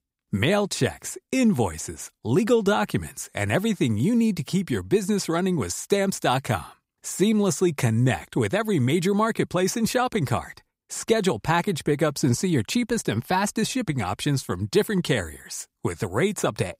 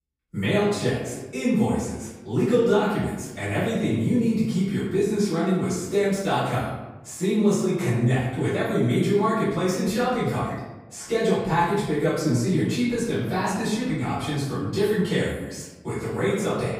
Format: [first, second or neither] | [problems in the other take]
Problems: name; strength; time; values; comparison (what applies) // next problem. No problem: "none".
first | off-mic speech; far // room echo; noticeable; dies away in 1 s